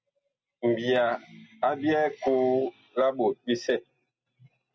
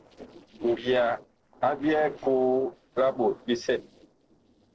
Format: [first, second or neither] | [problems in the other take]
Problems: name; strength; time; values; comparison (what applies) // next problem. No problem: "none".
first | noise reduction (neural separator model SepFormer DNS4)